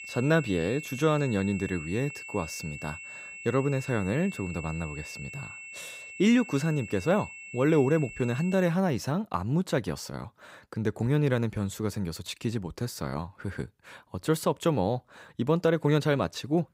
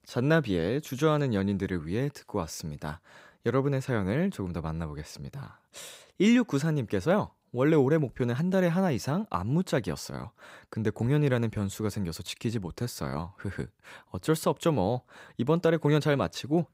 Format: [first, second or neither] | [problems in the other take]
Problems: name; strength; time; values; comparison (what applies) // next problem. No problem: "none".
second | high-pitched whine; noticeable; until 8.5 s; 2.5 kHz, 10 dB below the speech